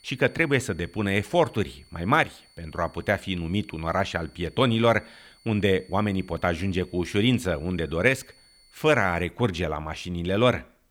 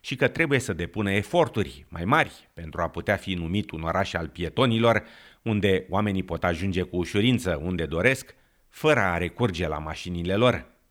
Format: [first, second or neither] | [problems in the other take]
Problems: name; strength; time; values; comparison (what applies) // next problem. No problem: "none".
second | high-pitched whine; faint; until 9 s; 4.5 kHz, 30 dB below the speech